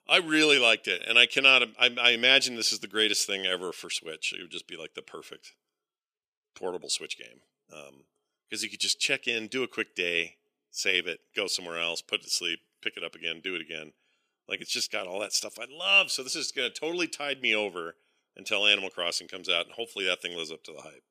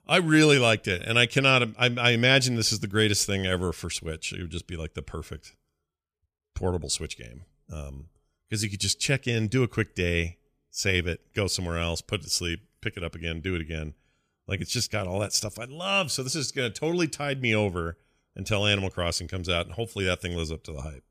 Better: second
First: thin; somewhat; fading below 300 Hz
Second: none

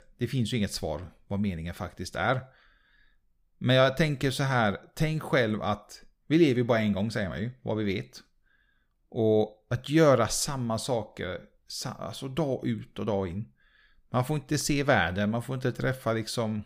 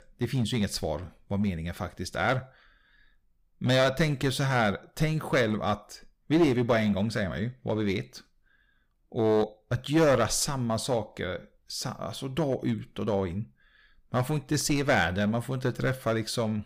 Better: first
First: none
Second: distortion; slight; 4% of the sound clipped

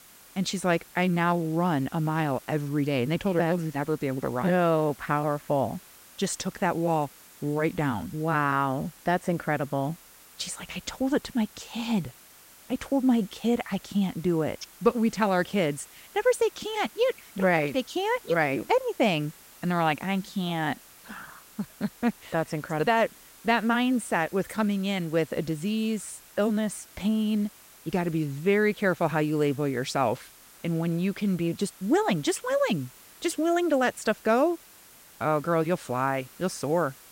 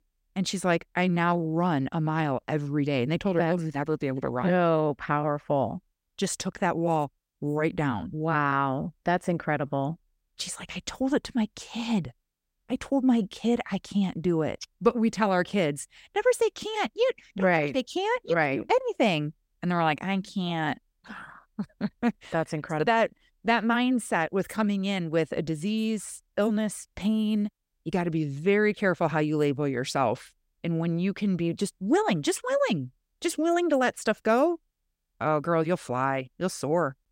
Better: second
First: hiss; faint; throughout; 20 dB below the speech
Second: none

